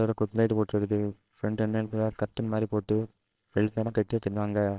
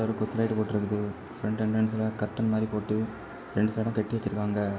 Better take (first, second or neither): second